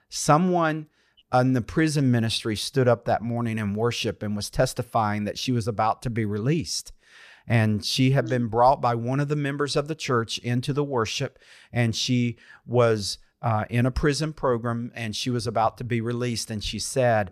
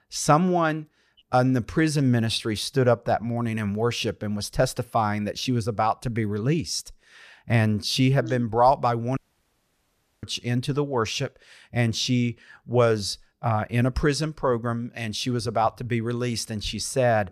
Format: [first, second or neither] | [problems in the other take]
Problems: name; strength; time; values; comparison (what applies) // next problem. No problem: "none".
first | audio cutting out; at 9 s for 1 s